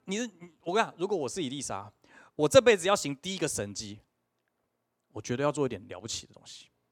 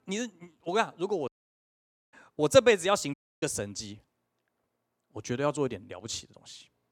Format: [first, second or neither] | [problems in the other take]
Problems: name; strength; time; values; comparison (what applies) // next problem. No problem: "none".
first | audio cutting out; at 1.5 s for 1 s and at 3 s